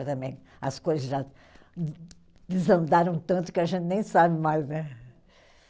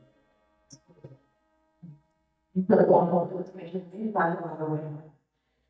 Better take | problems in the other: first | noise reduction (neural mask model DeepFilterNet 3)

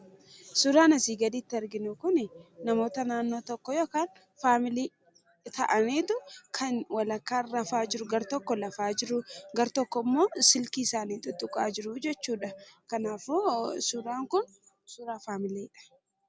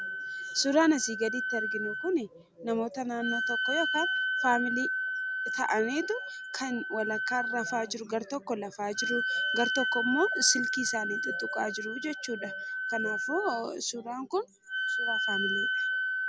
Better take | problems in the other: first | background sound (Wind instrument, woodwind instrument); 1 dB below the speech

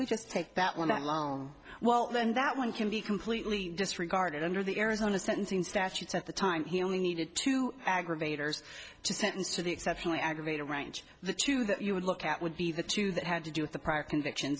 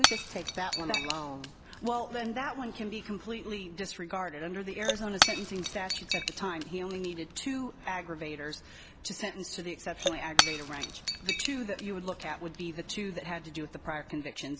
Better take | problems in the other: first | background sound (Shatter / Crushing); 1 dB above the speech

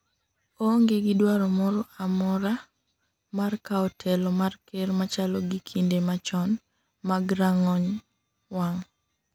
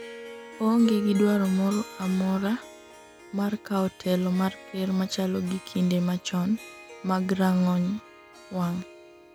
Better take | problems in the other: first | background sound (Harp); 17 dB below the speech

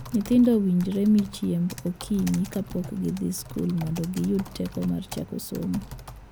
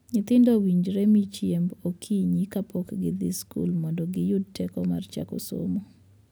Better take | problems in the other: second | background sound (Typing); 15 dB below the speech

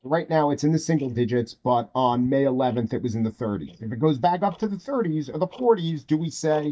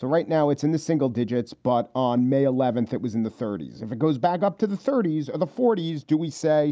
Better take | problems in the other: second | noise reduction (neural mask model DeepFilterNet 3)

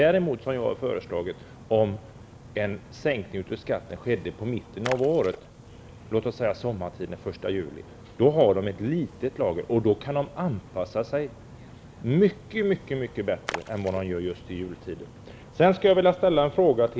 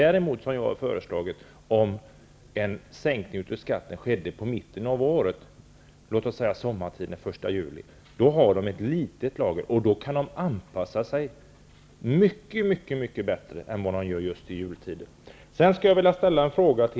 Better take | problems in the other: second | background sound (Splash, splatter); 18 dB below the speech

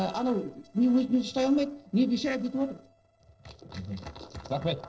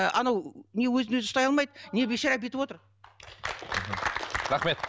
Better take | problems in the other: second | noise reduction (neural separator model SepFormer DNS4)

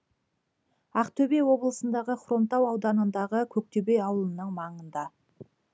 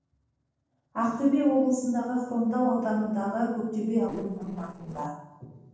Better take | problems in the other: first | noise reduction (neural separator model SepFormer DNS4)

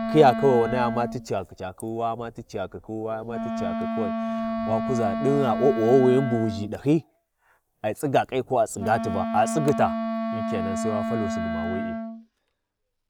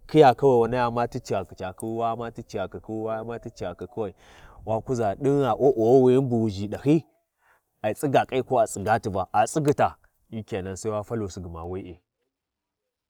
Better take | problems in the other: second | background sound (Wind instrument, woodwind instrument); 5 dB below the speech

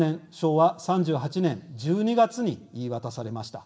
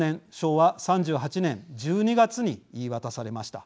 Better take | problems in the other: second | room echo; dies away in 0.5 s

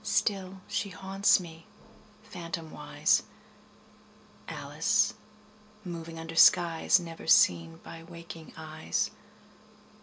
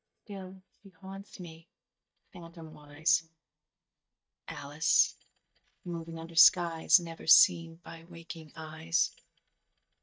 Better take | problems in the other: first | noise reduction (neural mask model DeepFilterNet 3)

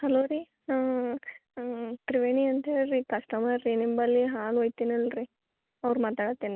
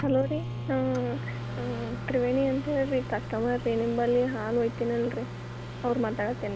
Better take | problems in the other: first | background sound (Microwave oven); 7 dB below the speech

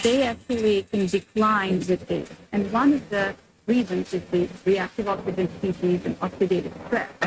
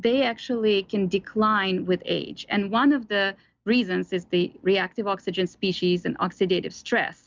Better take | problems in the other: second | noise reduction (neural mask model RNNoise)

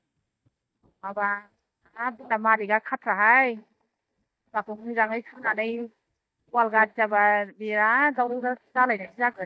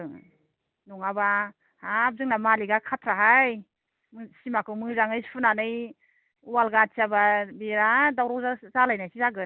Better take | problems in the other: second | noise reduction (neural mask model DeepFilterNet 3)

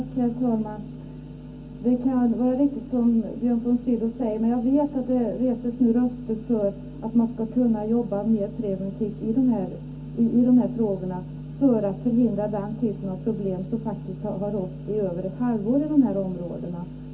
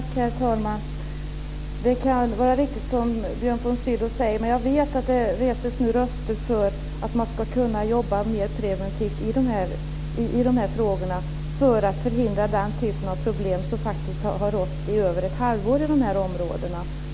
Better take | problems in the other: second | room echo; dies away in 0.4 s

